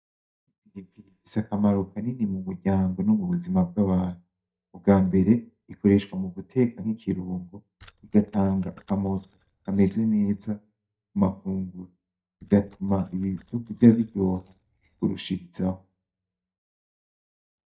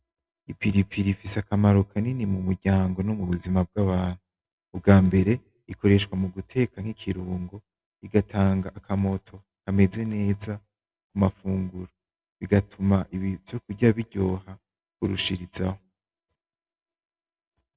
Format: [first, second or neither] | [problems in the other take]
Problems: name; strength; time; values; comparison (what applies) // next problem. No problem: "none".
second | noise reduction (neural mask model DeepFilterNet 3)